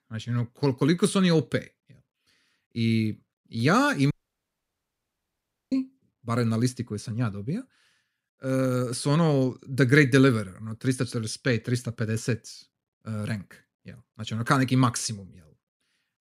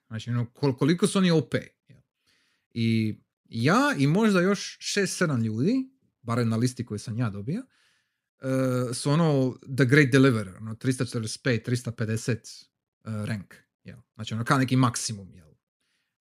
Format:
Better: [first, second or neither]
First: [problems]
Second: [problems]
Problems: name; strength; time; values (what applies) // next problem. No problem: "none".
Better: second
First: audio cutting out; at 4 s for 1.5 s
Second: none